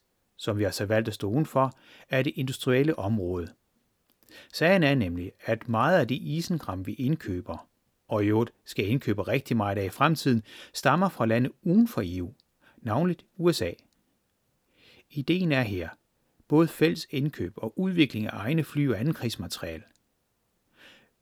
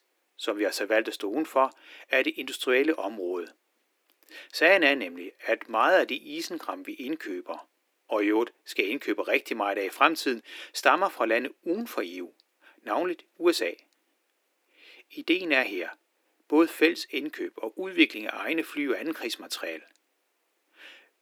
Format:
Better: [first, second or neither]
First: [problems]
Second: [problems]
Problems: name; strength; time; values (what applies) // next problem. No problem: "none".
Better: first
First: none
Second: thin; somewhat; fading below 300 Hz